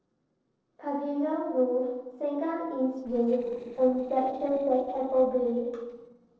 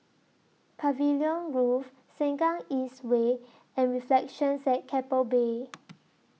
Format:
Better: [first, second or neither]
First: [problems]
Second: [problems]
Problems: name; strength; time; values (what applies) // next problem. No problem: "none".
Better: second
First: noise reduction (neural separator model SepFormer DNS4)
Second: none